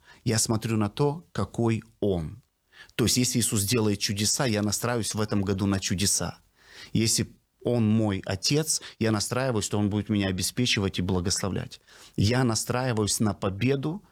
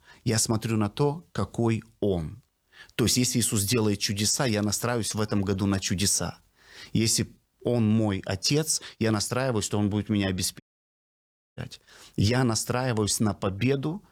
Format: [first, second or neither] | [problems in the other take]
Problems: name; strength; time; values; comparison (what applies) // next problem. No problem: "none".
first | audio cutting out; at 11 s for 1 s